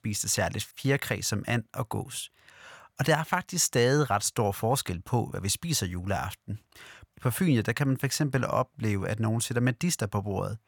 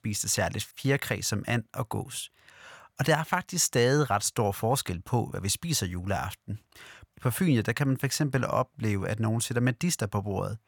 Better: neither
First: none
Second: none

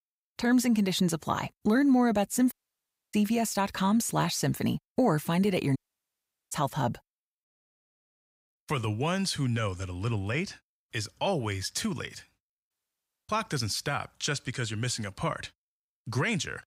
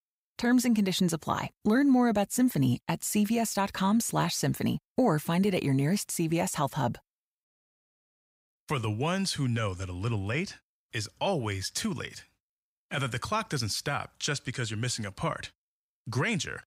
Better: second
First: audio cutting out; at 2.5 s for 0.5 s, at 6 s for 1 s and at 13 s for 0.5 s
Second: none

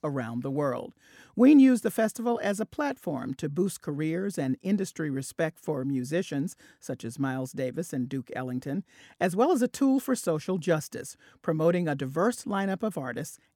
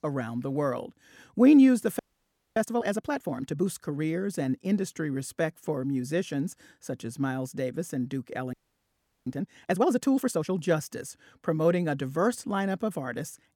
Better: first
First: none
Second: audio freezing; at 2 s for 0.5 s and at 8.5 s for 0.5 s

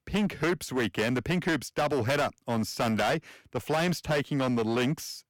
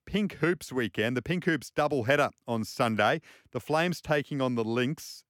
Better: second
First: distortion; heavy; 16% of the sound clipped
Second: none

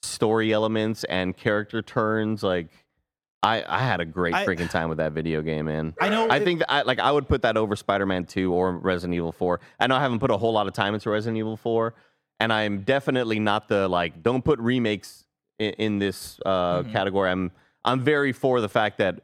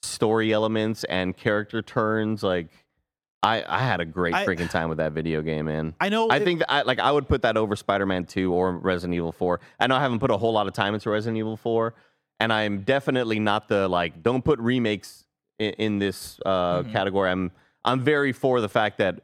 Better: second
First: dog barking; noticeable; at 6 s; peak 5 dB below the speech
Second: none

